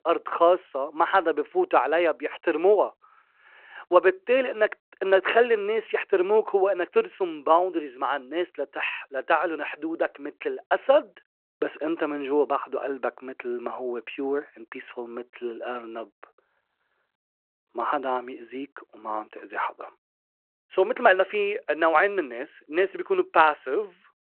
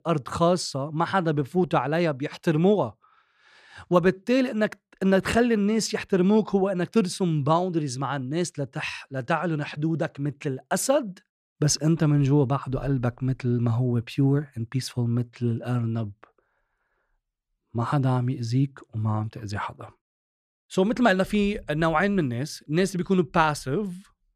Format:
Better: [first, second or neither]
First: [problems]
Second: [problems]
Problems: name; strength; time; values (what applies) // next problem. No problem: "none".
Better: second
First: phone-call audio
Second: none